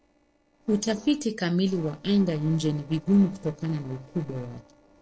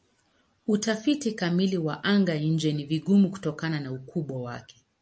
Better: second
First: noise reduction (neural separator model SepFormer DNS4)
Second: none

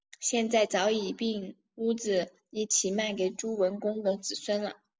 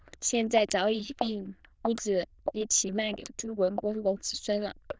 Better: first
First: none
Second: noise reduction (neural diffusion model UNIVERSE++)

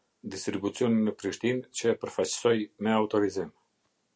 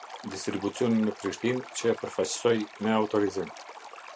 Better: first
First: none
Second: background sound (Stream); 15 dB below the speech

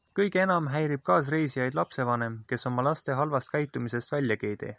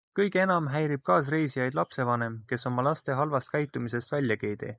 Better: first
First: none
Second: noise reduction (neural mask model Resemble Enhance denoiser)

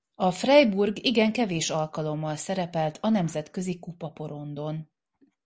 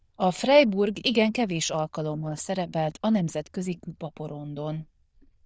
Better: first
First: none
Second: noise reduction (neural diffusion model UNIVERSE++)

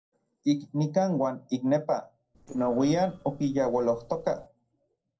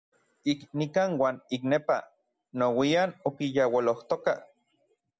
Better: second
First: noise reduction (neural separator model SepFormer DNS4)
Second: none

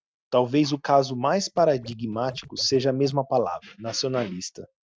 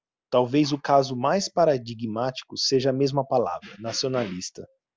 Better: second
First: noise reduction (neural mask model RNNoise)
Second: none

